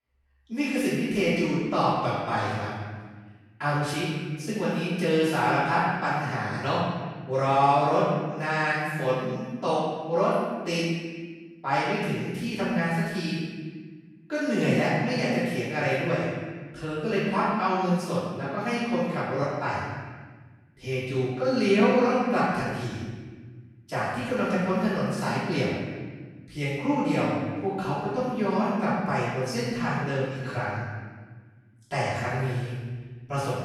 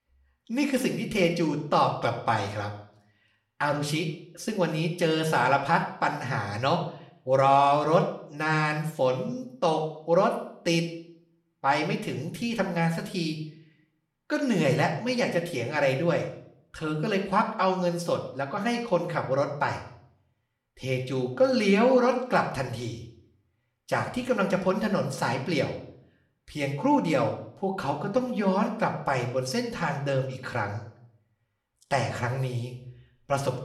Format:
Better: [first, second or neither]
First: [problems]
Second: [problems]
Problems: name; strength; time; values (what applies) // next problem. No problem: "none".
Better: second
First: room echo; strong; dies away in 1.5 s // off-mic speech; far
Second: room echo; slight; dies away in 0.5 s // off-mic speech; somewhat distant